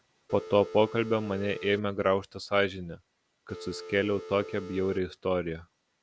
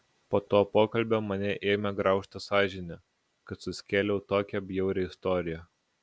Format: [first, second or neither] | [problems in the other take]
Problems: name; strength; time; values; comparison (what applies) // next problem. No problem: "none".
second | background sound (Telephone); 13 dB below the speech